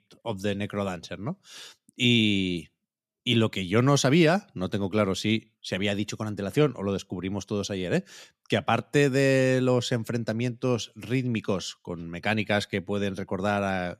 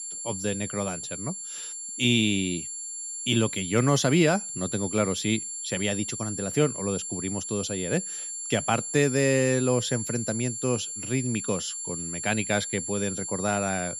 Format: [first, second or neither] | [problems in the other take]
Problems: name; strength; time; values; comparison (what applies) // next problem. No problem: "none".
first | high-pitched whine; loud; throughout; 7.5 kHz, 5 dB below the speech